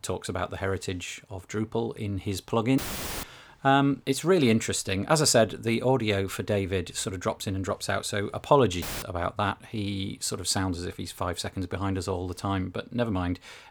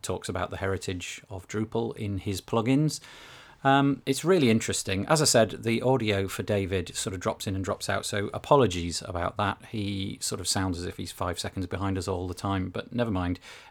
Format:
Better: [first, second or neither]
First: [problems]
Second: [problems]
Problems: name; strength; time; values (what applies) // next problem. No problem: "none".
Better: second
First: audio cutting out; filled with static; at 3 s and at 9 s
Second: none